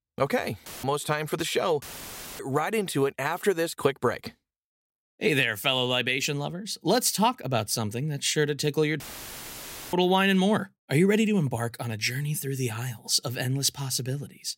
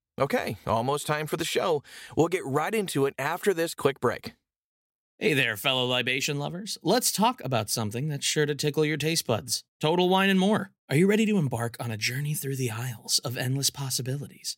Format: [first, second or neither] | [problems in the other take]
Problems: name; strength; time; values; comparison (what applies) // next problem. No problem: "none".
second | audio cutting out; filled with static; at 0.5 s, at 2 s for 0.5 s and at 9 s for 1 s